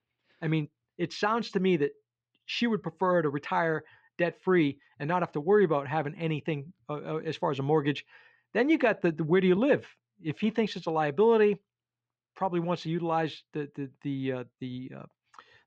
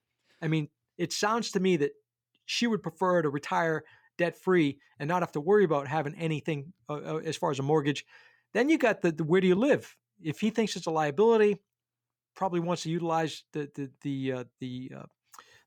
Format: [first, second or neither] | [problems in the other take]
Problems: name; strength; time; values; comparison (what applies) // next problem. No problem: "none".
second | muffled; very slightly; fading above 4 kHz